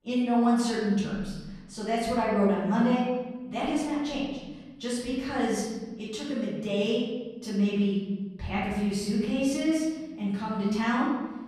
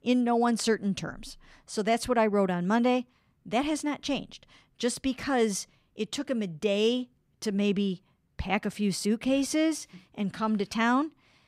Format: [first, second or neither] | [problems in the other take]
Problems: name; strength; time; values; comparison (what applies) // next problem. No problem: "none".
second | room echo; noticeable; dies away in 1.3 s // off-mic speech; far